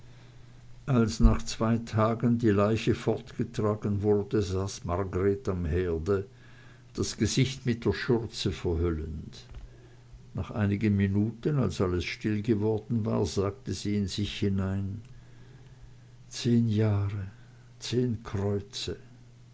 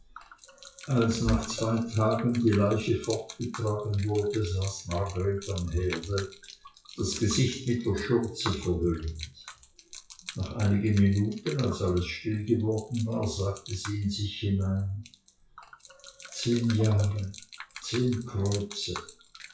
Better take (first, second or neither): first